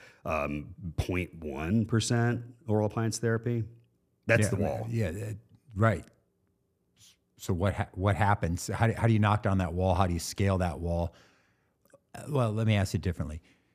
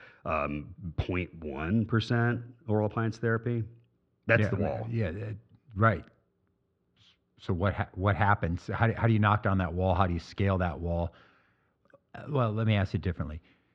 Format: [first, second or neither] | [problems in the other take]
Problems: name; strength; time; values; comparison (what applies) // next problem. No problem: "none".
first | muffled; slightly; fading above 3.5 kHz